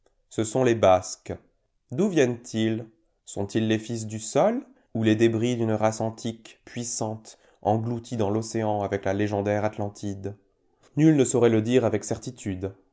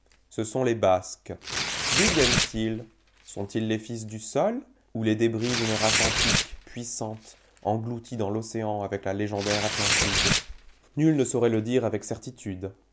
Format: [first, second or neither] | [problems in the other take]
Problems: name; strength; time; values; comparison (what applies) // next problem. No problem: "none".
first | background sound (Tearing); 2 dB below the speech